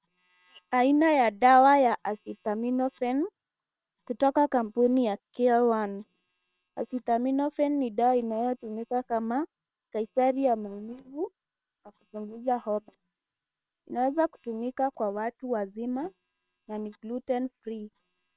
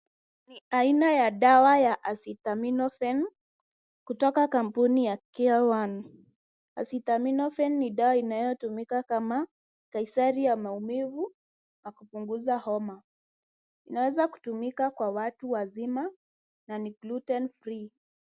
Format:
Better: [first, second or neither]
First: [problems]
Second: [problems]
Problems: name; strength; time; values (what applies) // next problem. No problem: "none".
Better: second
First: noise reduction (neural separator model SepFormer WHAM!)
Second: none